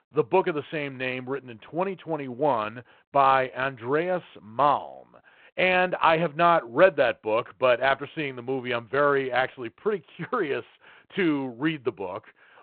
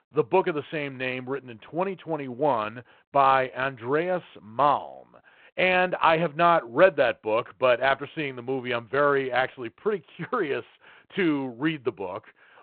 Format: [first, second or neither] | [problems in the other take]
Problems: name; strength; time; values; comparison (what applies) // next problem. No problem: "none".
neither | phone-call audio; the same in both